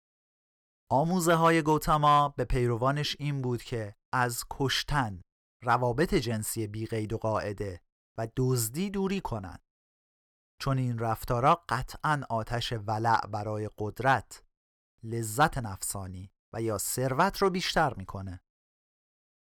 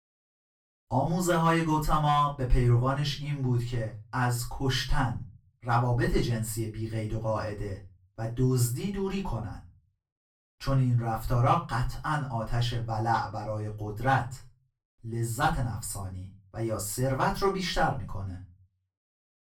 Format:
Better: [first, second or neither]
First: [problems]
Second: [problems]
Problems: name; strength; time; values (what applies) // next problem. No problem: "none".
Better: first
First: none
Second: off-mic speech; far // room echo; very slight; dies away in 0.3 s